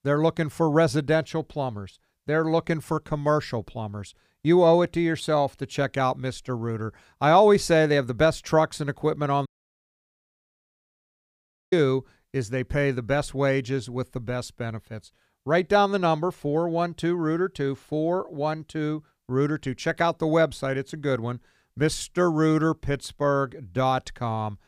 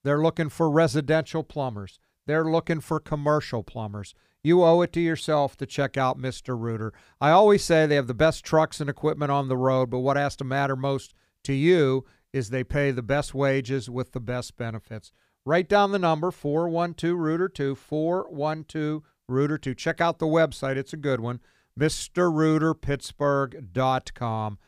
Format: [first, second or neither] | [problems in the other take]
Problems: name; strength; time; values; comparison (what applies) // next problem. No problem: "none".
second | audio cutting out; at 9.5 s for 2.5 s